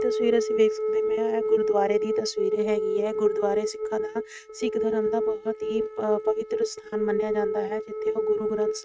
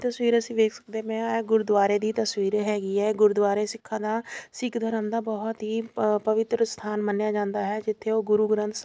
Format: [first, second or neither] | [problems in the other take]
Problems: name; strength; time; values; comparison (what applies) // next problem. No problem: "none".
second | noise reduction (neural mask model RNNoise)